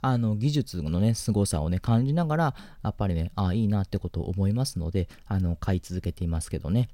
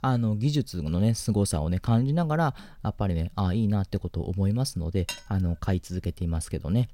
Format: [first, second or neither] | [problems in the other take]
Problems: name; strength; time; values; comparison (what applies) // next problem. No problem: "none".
first | clattering dishes; noticeable; at 5 s; peak 9 dB below the speech